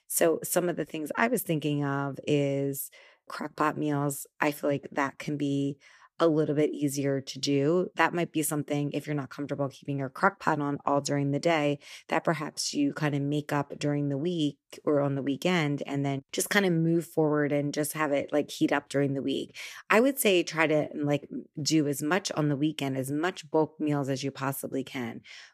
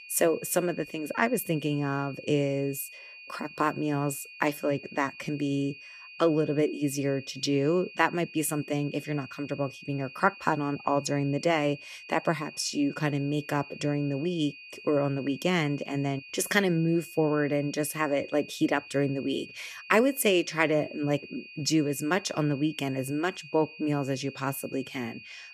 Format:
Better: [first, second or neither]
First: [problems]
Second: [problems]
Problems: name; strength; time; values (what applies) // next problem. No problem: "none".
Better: first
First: none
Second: high-pitched whine; noticeable; throughout; 2.5 kHz, 15 dB below the speech